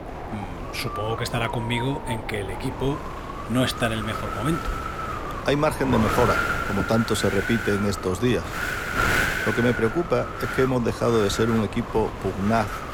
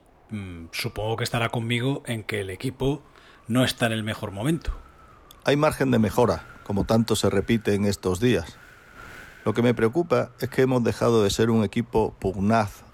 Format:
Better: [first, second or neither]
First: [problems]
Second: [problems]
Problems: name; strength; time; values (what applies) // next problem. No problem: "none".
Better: second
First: wind noise on the microphone; heavy; 1 dB below the speech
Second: wind noise on the microphone; occasional gusts; 25 dB below the speech